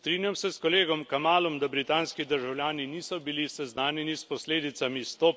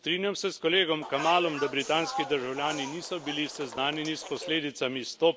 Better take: first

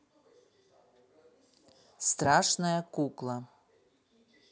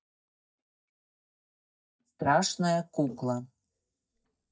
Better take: first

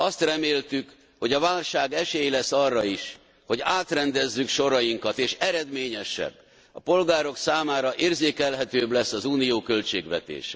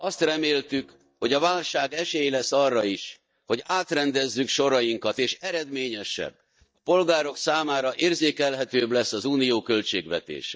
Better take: first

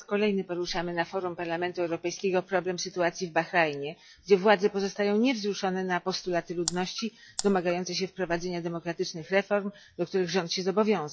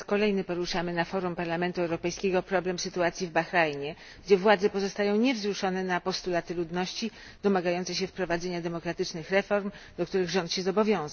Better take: second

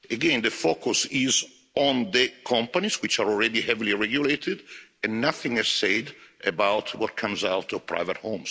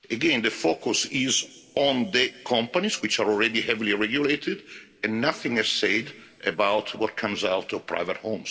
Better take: first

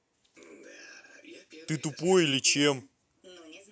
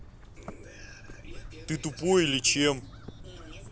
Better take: first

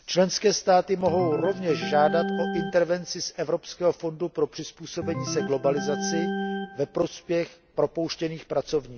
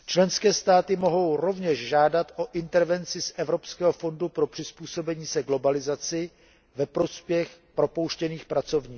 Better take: second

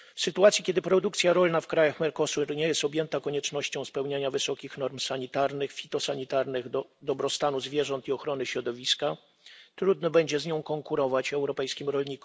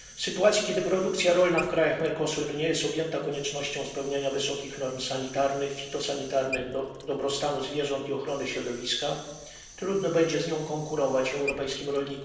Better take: first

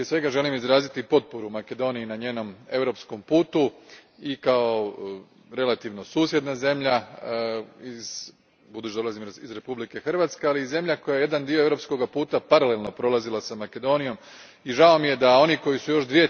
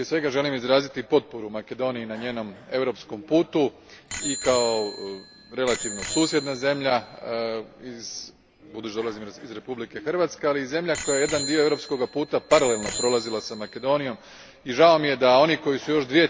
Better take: first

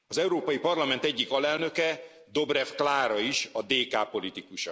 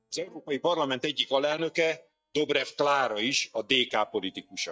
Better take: first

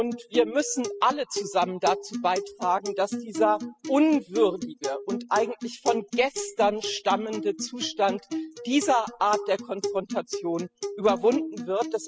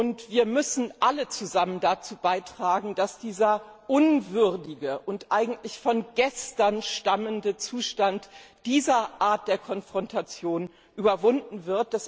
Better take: second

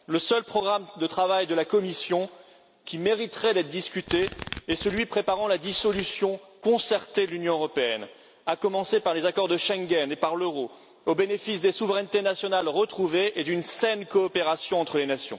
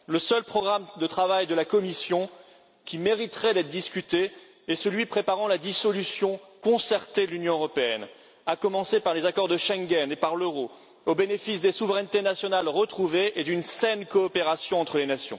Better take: second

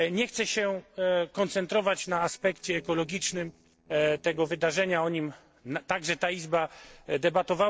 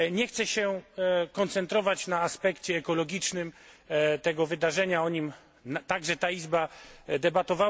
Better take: second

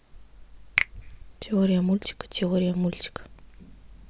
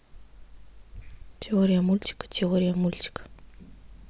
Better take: second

